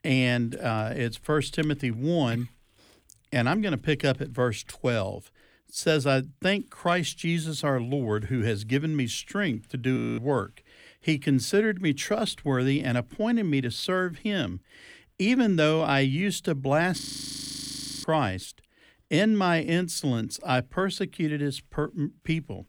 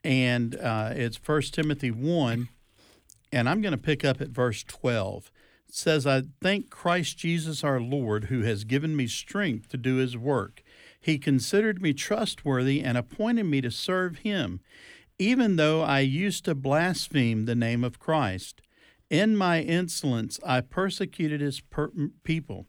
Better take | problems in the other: second | audio freezing; at 10 s and at 17 s for 1 s

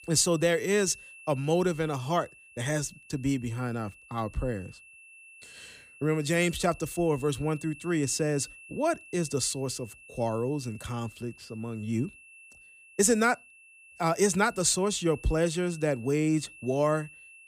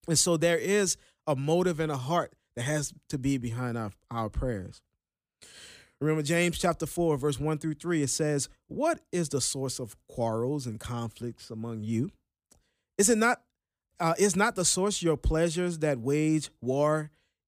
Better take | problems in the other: second | high-pitched whine; faint; throughout; 2.5 kHz, 20 dB below the speech

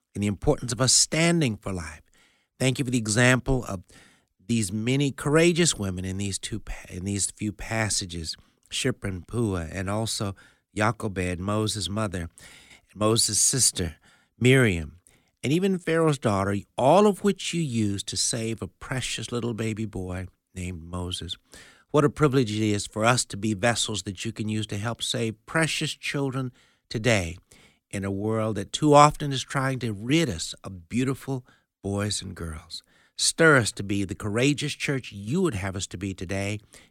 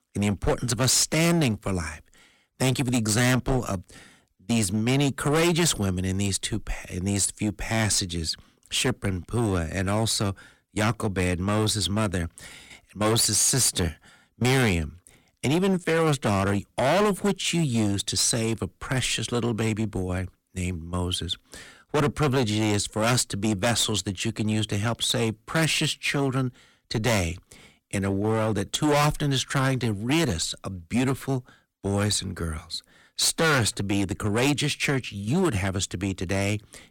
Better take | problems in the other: first | distortion; heavy; 11% of the sound clipped

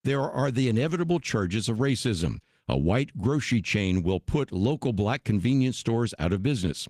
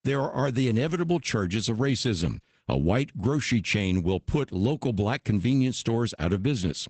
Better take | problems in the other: first | garbled, watery; badly; nothing above 8 kHz; slightly in the first

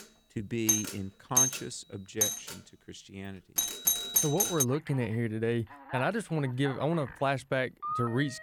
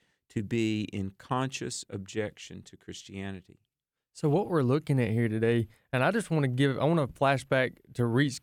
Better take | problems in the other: second | alarms or sirens; very loud; throughout; 4 dB above the speech

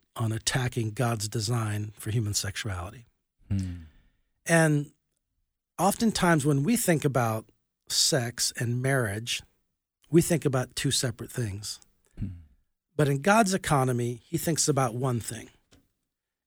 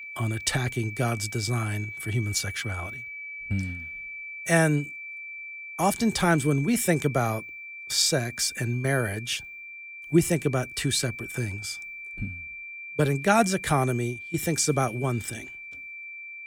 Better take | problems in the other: first | high-pitched whine; noticeable; throughout; 2.5 kHz, 10 dB below the speech

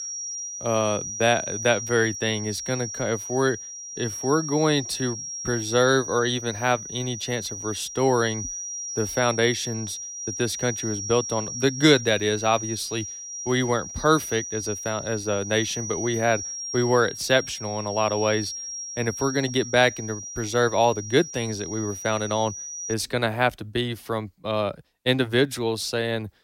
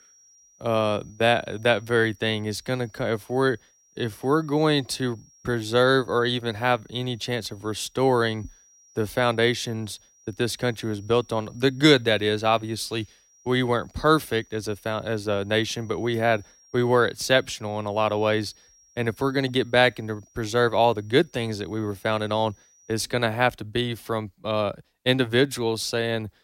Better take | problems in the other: second | high-pitched whine; loud; until 23 s; 5.5 kHz, 7 dB below the speech; faint in the second

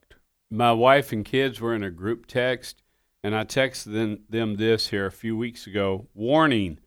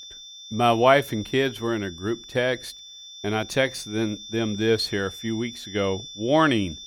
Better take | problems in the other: first | high-pitched whine; noticeable; throughout; 3.5 kHz, 15 dB below the speech

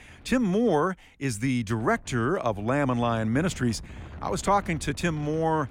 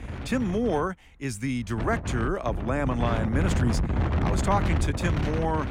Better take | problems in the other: first | wind noise on the microphone; heavy; 5 dB below the speech; occasional gusts in the first

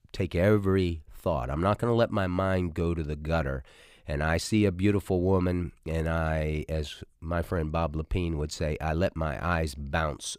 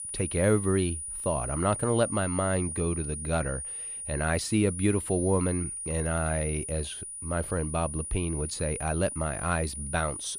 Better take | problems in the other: first | high-pitched whine; loud; throughout; 9.5 kHz, 6 dB below the speech

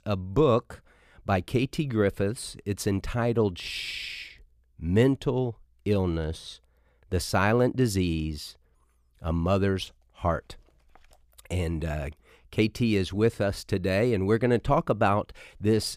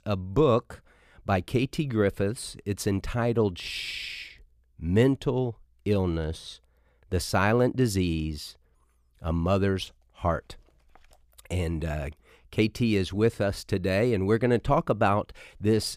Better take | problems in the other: neither | none

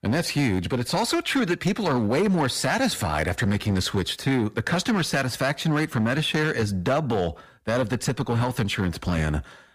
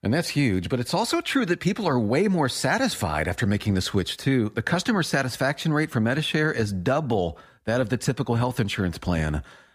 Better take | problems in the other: second | distortion; slight; 9% of the sound clipped

